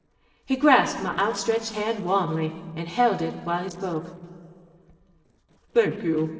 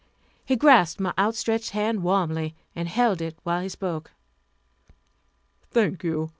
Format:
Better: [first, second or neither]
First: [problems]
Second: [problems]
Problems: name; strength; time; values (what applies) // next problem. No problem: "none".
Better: second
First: noise reduction (neural separator model SepFormer DNS4)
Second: none